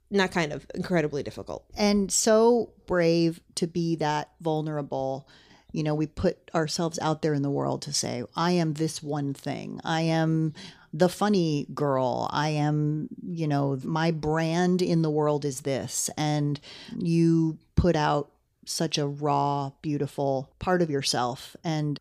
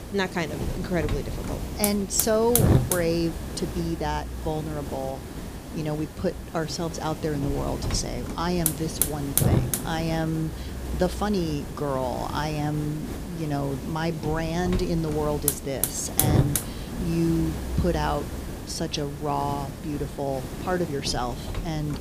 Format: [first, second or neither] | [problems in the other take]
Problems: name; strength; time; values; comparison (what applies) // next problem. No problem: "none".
first | hiss; loud; throughout; 1 dB below the speech